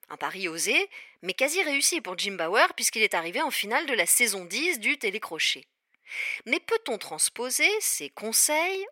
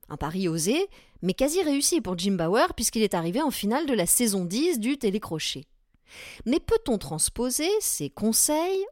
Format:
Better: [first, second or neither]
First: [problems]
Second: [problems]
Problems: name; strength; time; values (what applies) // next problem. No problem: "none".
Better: second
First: thin; somewhat; fading below 500 Hz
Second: none